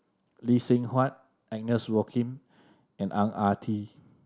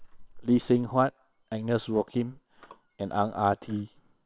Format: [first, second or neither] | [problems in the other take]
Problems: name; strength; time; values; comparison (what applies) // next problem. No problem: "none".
first | noise reduction (neural separator model SepFormer WHAM!)